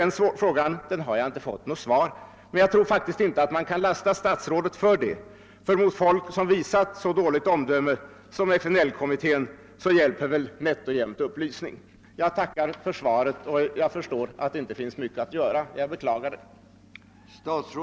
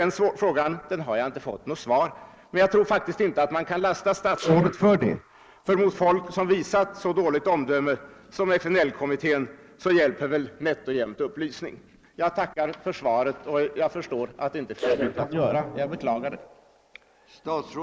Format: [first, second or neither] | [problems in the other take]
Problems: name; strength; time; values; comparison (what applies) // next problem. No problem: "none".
first | noise reduction (neural mask model Resemble Enhance denoiser)